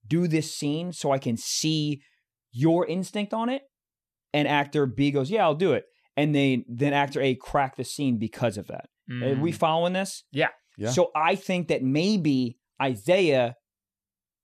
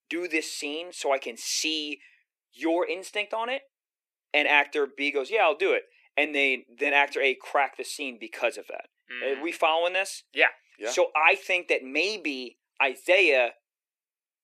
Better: first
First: none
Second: thin; very; fading below 350 Hz

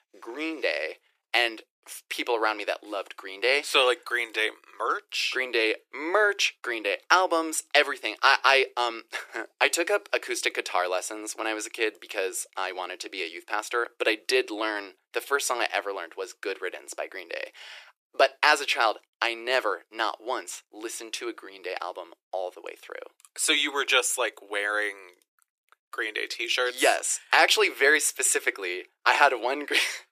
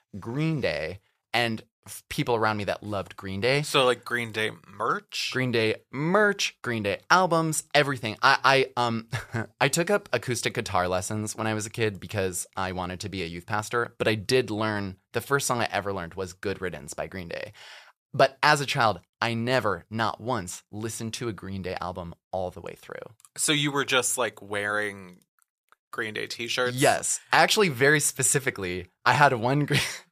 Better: second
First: thin; very; fading below 300 Hz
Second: none

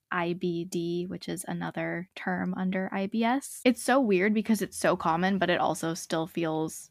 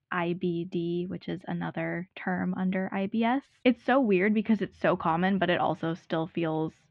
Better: first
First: none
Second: muffled; very; fading above 3 kHz

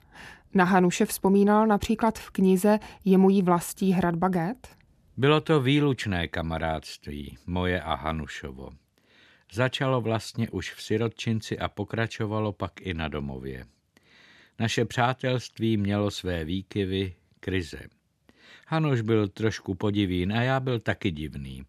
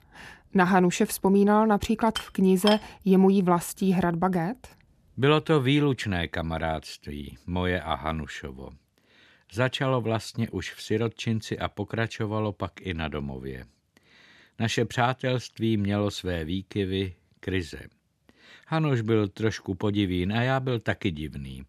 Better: first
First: none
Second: clattering dishes; noticeable; at 2 s; peak 4 dB below the speech

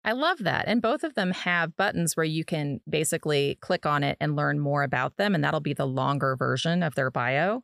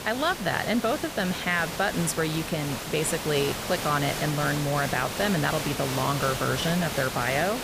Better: first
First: none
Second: hiss; loud; throughout; 5 dB below the speech

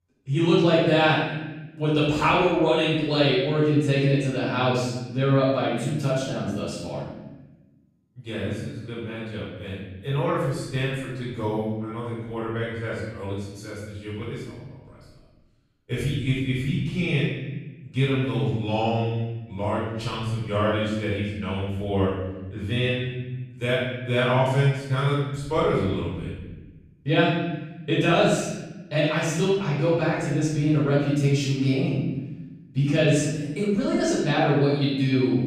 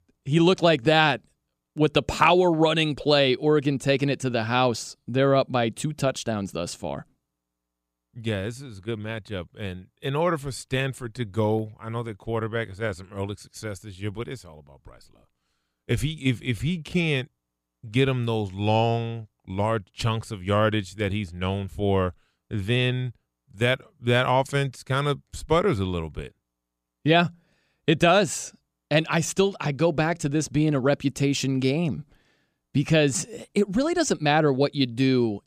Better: second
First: room echo; strong; dies away in 1.2 s // off-mic speech; far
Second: none

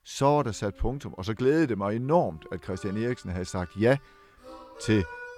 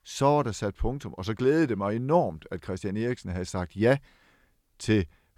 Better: second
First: background music; faint; throughout; 20 dB below the speech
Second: none

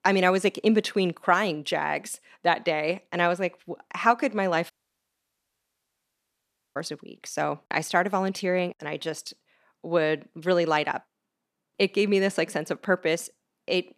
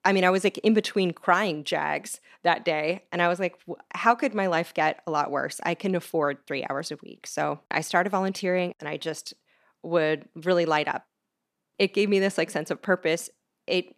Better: second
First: audio cutting out; at 4.5 s for 2 s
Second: none

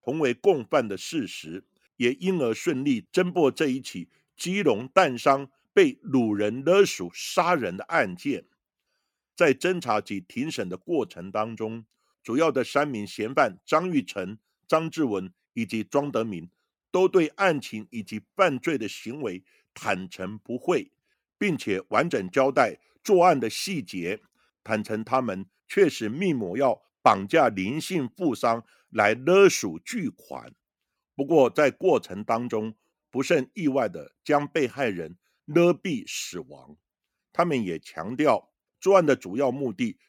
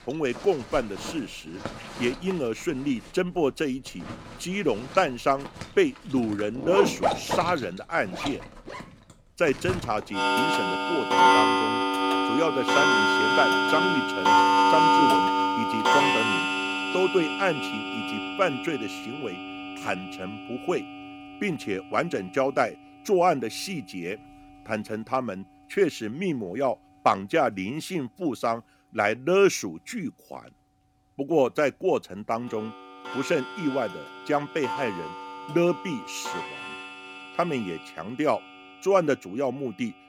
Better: first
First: none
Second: household noises; very loud; throughout; 3 dB above the speech

